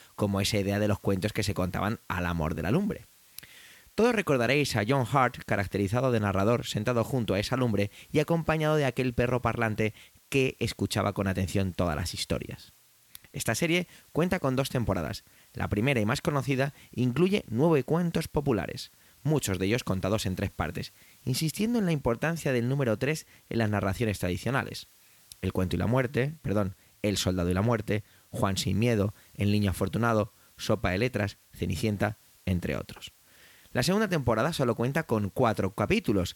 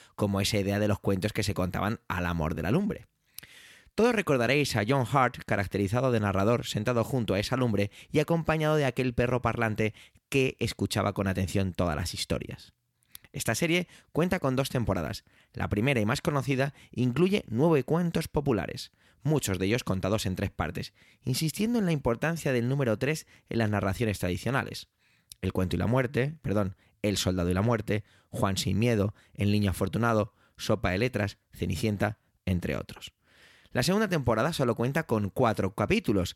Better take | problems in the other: second | hiss; faint; throughout; 30 dB below the speech

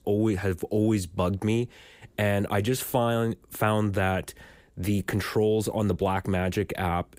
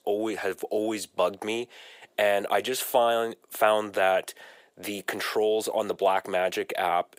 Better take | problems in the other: first | thin; very; fading below 500 Hz

